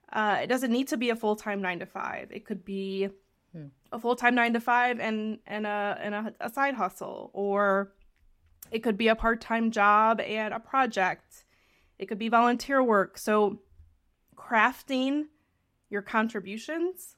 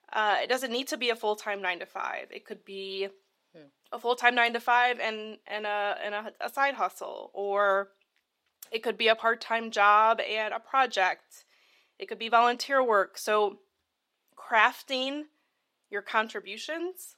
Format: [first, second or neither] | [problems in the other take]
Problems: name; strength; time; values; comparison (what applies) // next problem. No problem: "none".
first | thin; somewhat; fading below 500 Hz